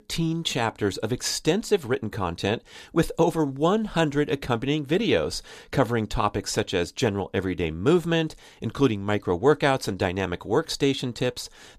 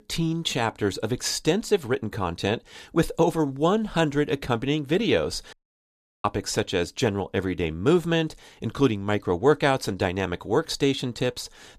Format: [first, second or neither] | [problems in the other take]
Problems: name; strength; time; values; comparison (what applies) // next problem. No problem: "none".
first | audio cutting out; at 5.5 s for 0.5 s